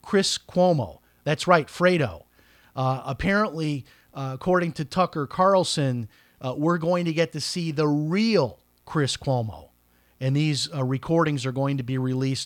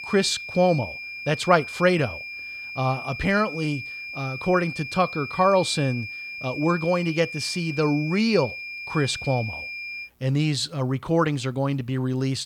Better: first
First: none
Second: high-pitched whine; loud; until 10 s; 2.5 kHz, 9 dB below the speech

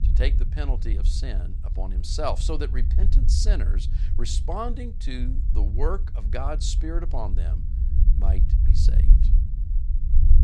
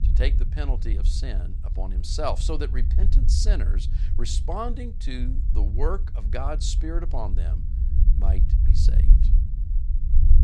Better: neither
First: low rumble; noticeable; throughout; 10 dB below the speech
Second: low rumble; noticeable; throughout; 10 dB below the speech

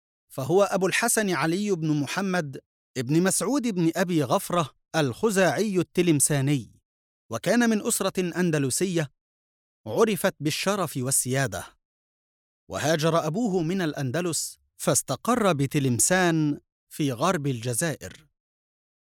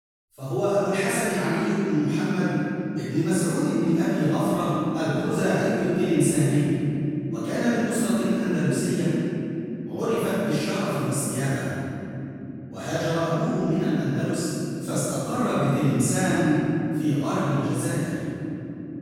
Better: first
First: none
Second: off-mic speech; far // room echo; strong; dies away in 3 s

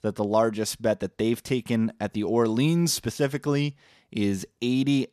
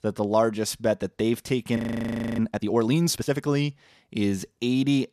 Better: first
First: none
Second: audio freezing; at 2 s for 0.5 s

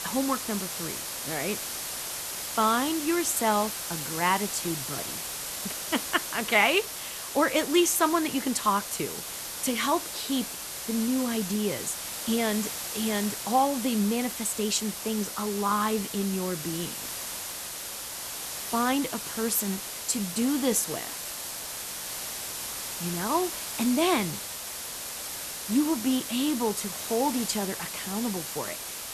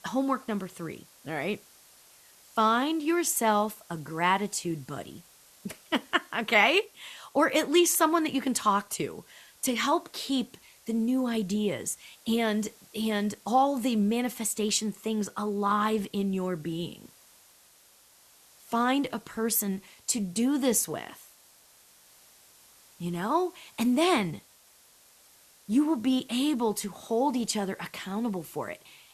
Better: second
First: hiss; loud; throughout; 5 dB below the speech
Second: hiss; faint; throughout; 25 dB below the speech

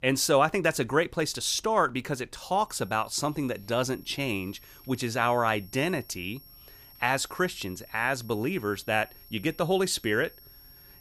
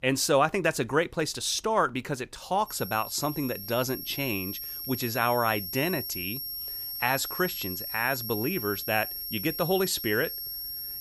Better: first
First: high-pitched whine; faint; from 2.5 s on; 11.5 kHz, 25 dB below the speech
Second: high-pitched whine; loud; from 2.5 s on; 11.5 kHz, 5 dB below the speech

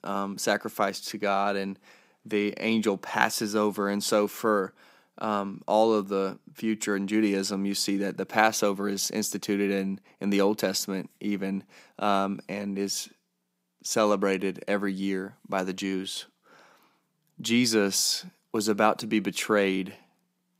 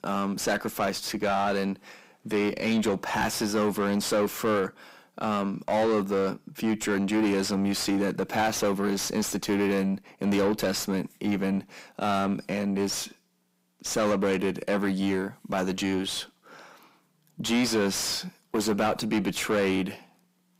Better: first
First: none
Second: distortion; heavy; 6 dB below the speech

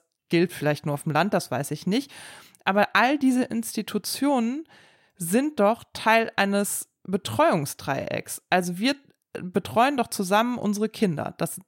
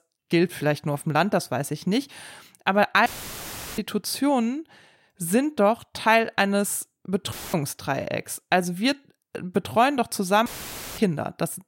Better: first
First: none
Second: audio cutting out; filled with static; at 3 s for 0.5 s, at 7.5 s and at 10 s for 0.5 s

